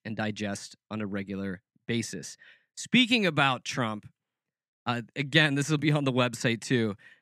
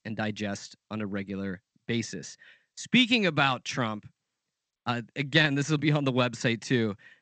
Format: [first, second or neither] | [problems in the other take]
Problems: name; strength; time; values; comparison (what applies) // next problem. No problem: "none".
first | garbled, watery; slightly; nothing above 8 kHz